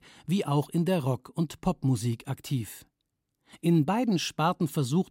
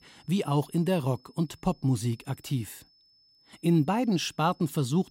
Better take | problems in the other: first | high-pitched whine; faint; throughout; 5 kHz, 30 dB below the speech

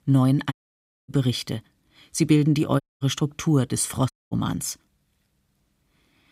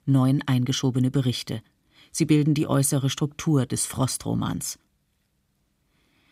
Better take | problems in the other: second | audio cutting out; at 0.5 s for 0.5 s, at 3 s and at 4 s

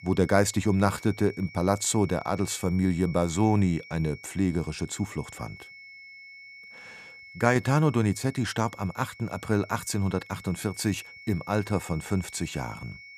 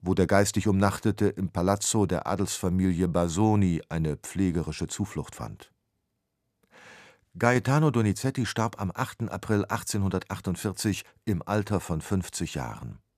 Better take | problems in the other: second | high-pitched whine; noticeable; throughout; 2 kHz, 20 dB below the speech

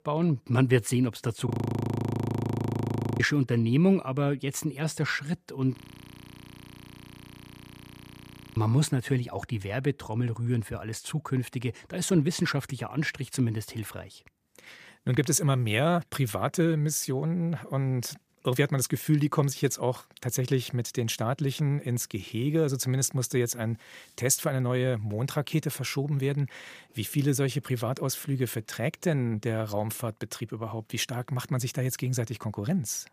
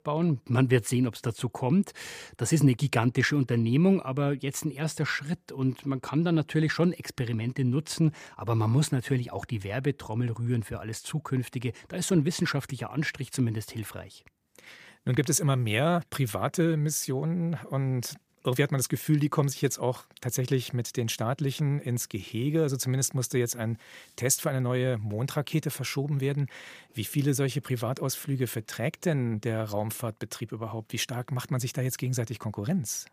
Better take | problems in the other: second | audio freezing; at 1.5 s for 1.5 s and at 6 s for 3 s

